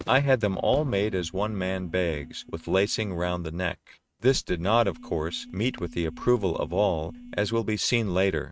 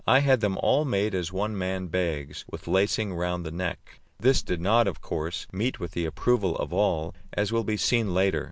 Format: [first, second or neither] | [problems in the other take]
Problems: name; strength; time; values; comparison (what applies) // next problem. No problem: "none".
second | noise reduction (neural mask model RNNoise)